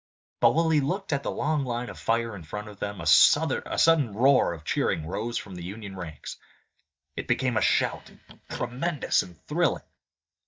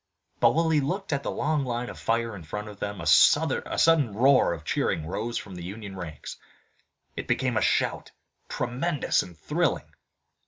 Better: second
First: noise reduction (neural mask model DeepFilterNet 3)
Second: none

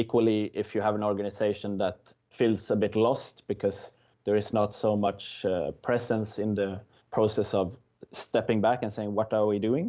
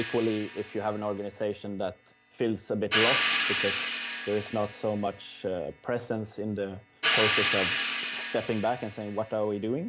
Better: first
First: none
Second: background sound (Hi-hat); 2 dB below the speech

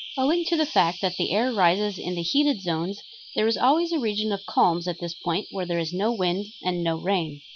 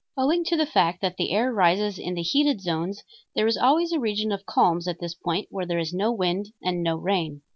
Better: second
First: background sound (Bird vocalization, bird call, bird song); 16 dB below the speech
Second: none

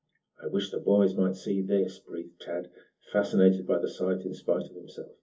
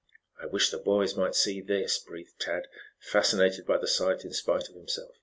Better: second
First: room echo; dies away in 0.3 s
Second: none

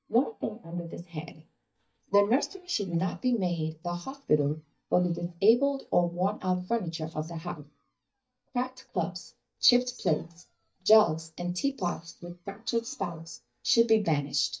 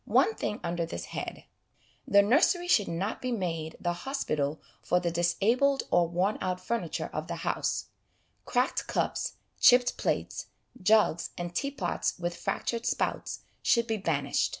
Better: second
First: noise reduction (neural mask model DeepFilterNet 3)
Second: none

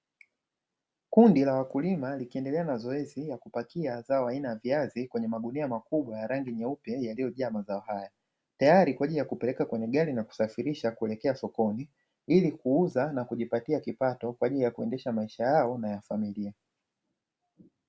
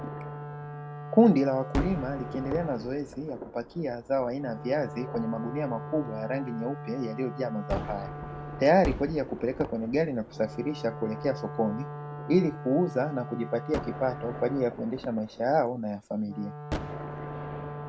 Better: first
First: none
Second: background sound (Gunshot, gunfire + Wind instrument, woodwind instrument); 9 dB below the speech

